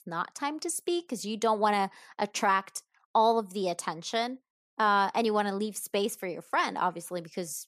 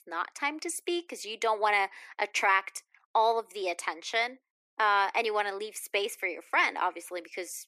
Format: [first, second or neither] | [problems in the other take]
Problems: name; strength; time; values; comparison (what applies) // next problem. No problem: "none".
first | thin; very; fading below 300 Hz